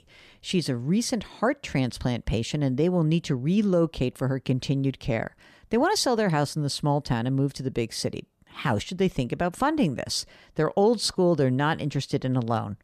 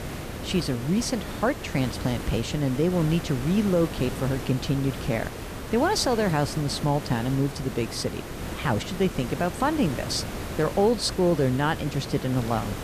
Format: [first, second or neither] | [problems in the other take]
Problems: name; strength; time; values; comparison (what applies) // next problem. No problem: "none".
first | hiss; loud; throughout; 9 dB below the speech